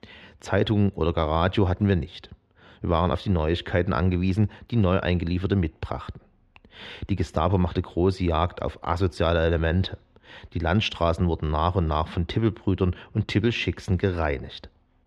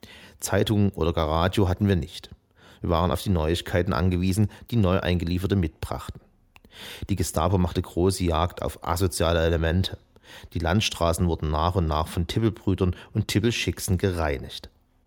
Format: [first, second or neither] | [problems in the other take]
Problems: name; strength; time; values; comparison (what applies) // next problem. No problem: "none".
second | muffled; slightly; fading above 3 kHz